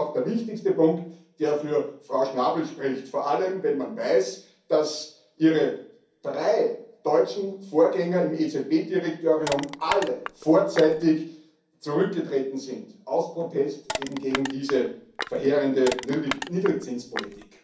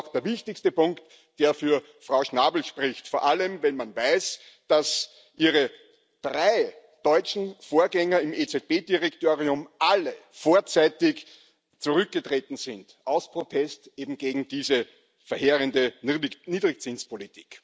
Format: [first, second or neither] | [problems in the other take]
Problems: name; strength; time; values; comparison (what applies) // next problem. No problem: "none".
second | background sound (Crushing); 10 dB below the speech // room echo; dies away in 0.6 s